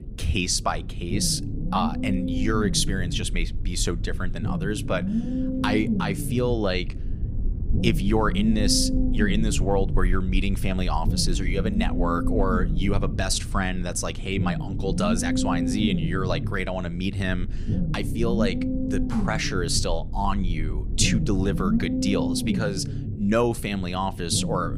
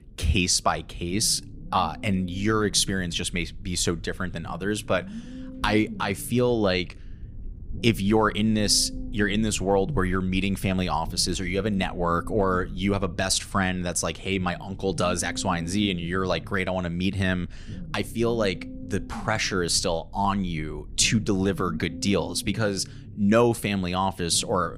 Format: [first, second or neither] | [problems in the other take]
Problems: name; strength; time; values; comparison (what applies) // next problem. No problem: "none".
second | low rumble; loud; throughout; 7 dB below the speech; faint in the second